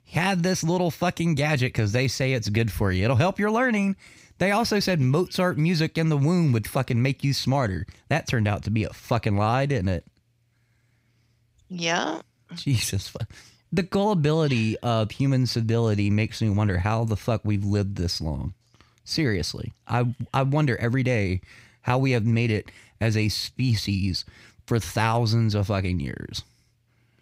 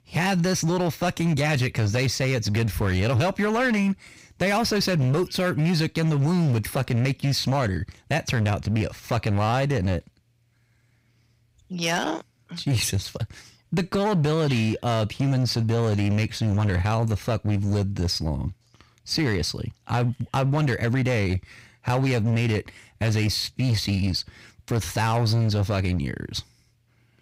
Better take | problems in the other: first | distortion; slight; 12% of the sound clipped

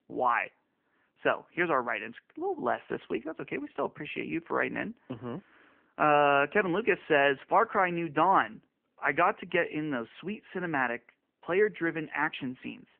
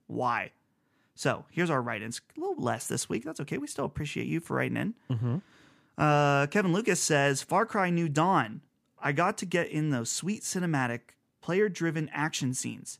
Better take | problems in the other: second | phone-call audio

